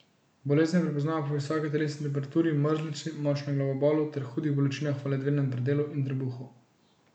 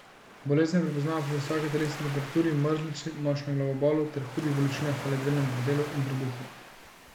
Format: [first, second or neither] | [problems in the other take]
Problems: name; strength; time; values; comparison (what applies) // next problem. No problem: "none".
first | background sound (Waves, surf); 13 dB below the speech